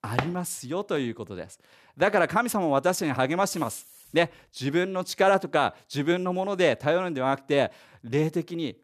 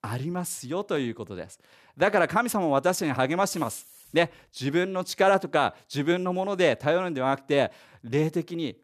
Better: second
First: door banging; noticeable; at the start; peak 6 dB below the speech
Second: none

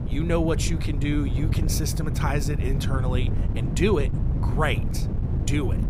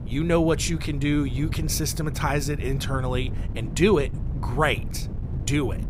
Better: second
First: wind noise on the microphone; heavy; 8 dB below the speech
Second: wind noise on the microphone; occasional gusts; 15 dB below the speech

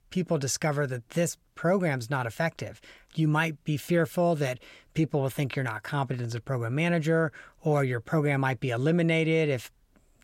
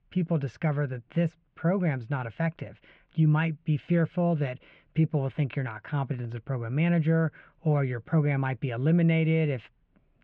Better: first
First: none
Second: muffled; very; fading above 3 kHz

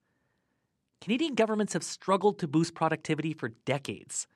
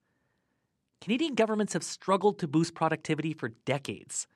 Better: neither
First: none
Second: none

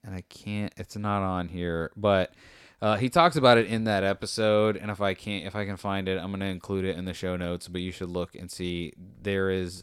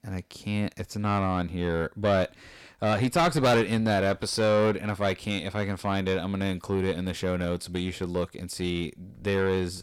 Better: first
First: none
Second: distortion; heavy; 7 dB below the speech

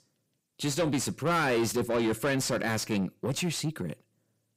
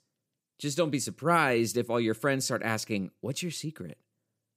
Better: second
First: distortion; heavy; 7 dB below the speech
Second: none

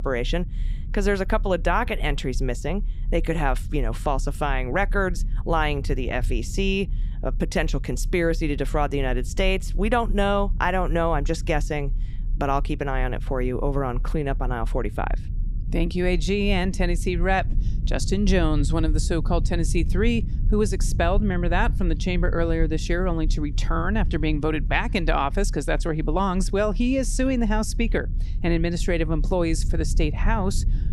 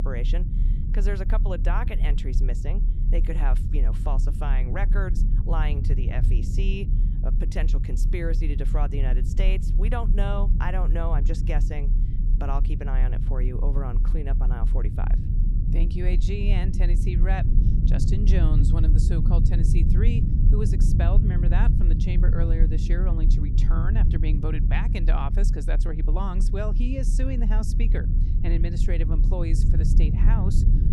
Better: first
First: low rumble; faint; throughout; 20 dB below the speech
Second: low rumble; loud; throughout; 4 dB below the speech

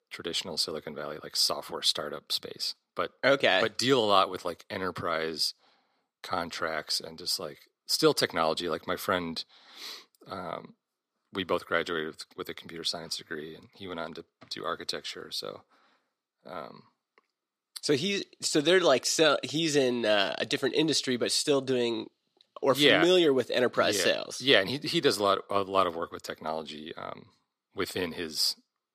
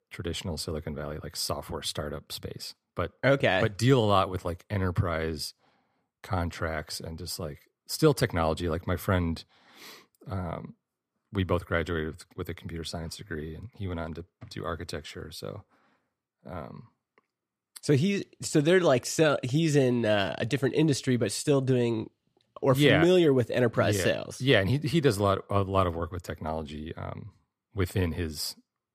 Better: second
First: thin; somewhat; fading below 300 Hz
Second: none

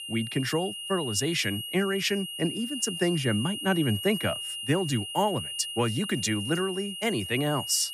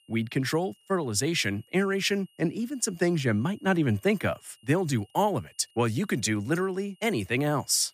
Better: second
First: high-pitched whine; loud; throughout; 3 kHz, 6 dB below the speech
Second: high-pitched whine; faint; throughout; 3 kHz, 35 dB below the speech

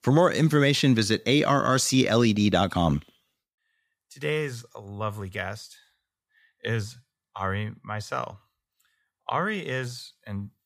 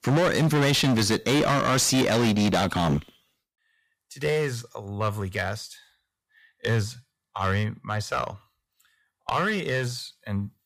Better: first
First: none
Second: distortion; heavy; 12% of the sound clipped

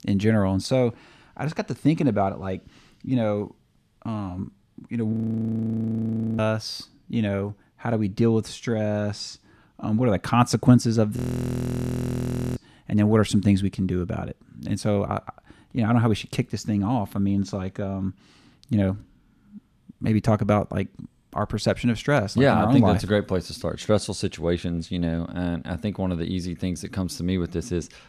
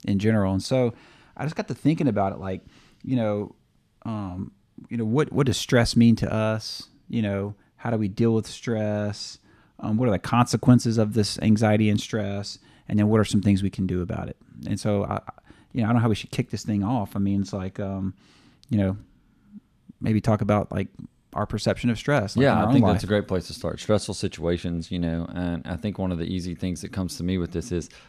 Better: second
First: audio freezing; at 5 s for 1.5 s and at 11 s for 1.5 s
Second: none

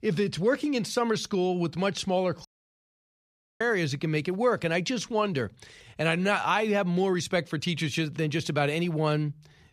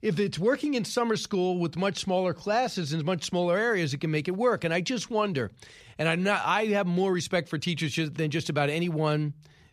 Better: second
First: audio cutting out; at 2.5 s for 1 s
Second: none

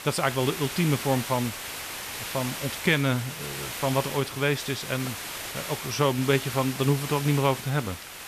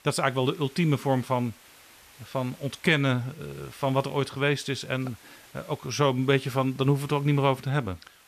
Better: second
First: hiss; loud; throughout; 7 dB below the speech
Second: hiss; faint; throughout; 25 dB below the speech

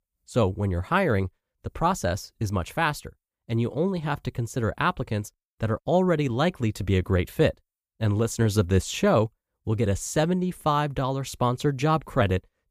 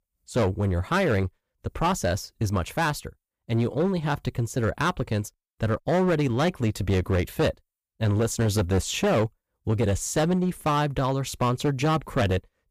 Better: first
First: none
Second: distortion; slight; 10% of the sound clipped

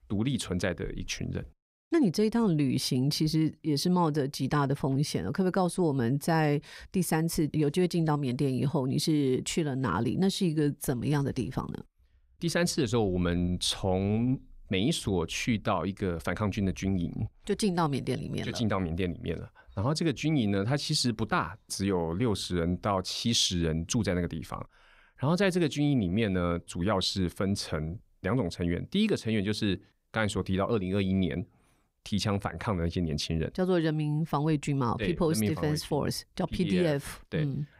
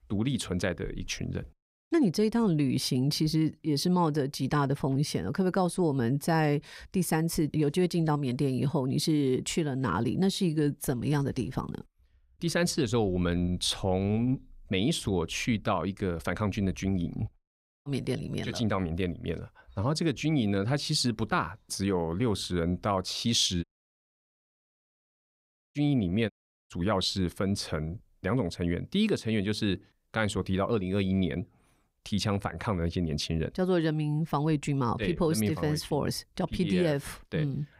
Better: first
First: none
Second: audio cutting out; at 17 s, at 24 s for 2 s and at 26 s

